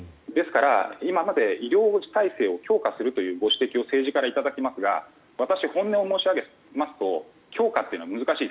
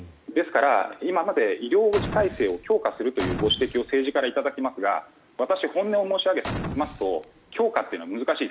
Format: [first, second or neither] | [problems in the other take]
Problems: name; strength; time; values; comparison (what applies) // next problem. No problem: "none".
first | background sound (Boom); 10 dB below the speech